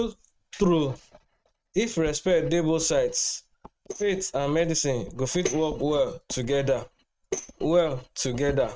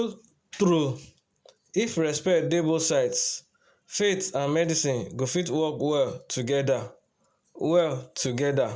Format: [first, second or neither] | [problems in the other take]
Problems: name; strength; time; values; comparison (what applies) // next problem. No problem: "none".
second | noise reduction (neural mask model RNNoise)